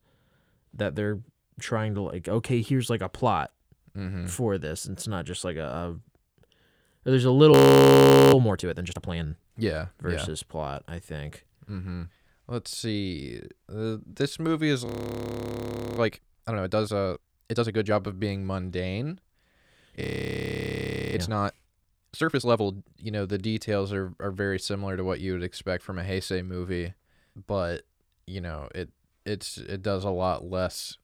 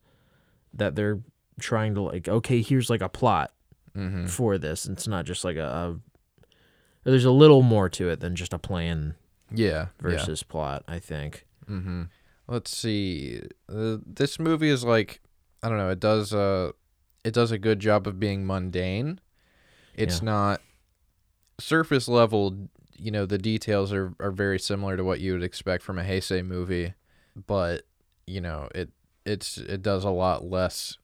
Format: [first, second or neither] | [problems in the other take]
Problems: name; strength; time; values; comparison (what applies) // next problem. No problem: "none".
second | audio freezing; at 7.5 s for 1 s, at 15 s for 1 s and at 20 s for 1 s